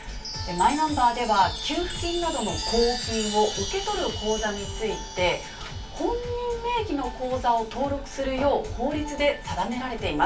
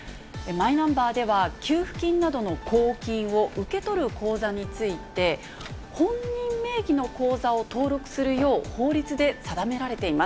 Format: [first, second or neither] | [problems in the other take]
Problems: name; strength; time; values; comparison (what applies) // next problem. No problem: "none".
second | background sound (Chime); 12 dB below the speech // room echo; dies away in 0.2 s